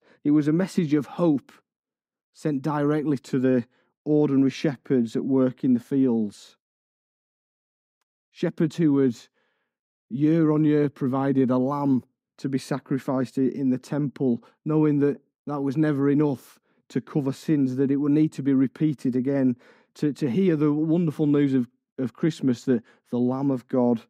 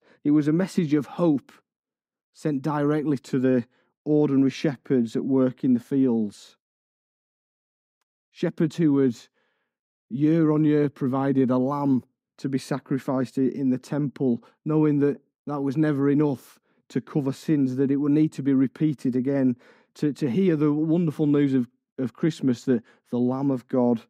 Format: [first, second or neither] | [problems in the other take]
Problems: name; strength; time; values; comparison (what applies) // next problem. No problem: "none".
neither | muffled; slightly; fading above 1.5 kHz; the same in both